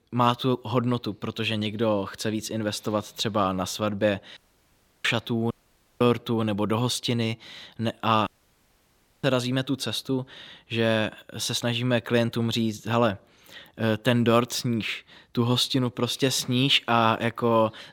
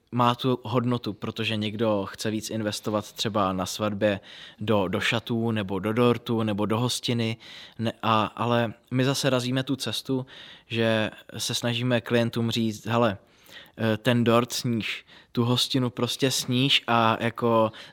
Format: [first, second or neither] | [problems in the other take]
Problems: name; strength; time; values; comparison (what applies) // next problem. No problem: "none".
second | audio cutting out; at 4.5 s for 0.5 s, at 5.5 s and at 8.5 s for 1 s